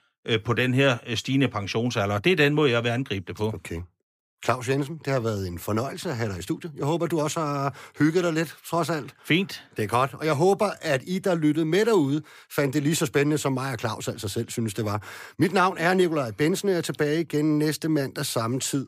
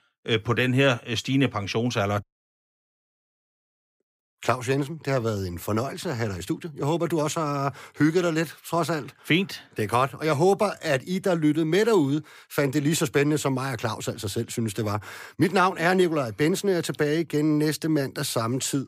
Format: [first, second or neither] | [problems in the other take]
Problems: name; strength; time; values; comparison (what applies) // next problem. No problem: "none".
first | audio cutting out; at 2 s for 2 s